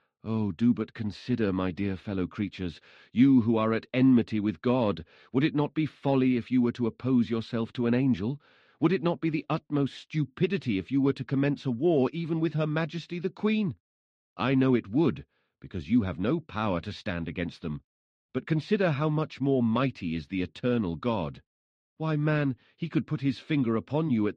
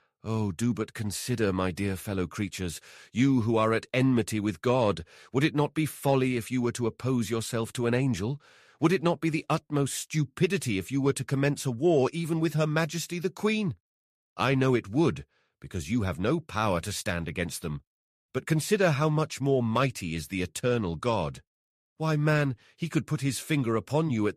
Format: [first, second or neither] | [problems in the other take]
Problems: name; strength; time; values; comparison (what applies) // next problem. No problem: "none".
second | muffled; slightly; fading above 4 kHz